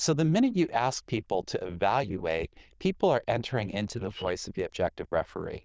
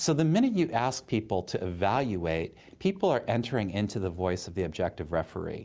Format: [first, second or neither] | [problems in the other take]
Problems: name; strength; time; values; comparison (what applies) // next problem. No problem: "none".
second | noise reduction (neural diffusion model UNIVERSE++)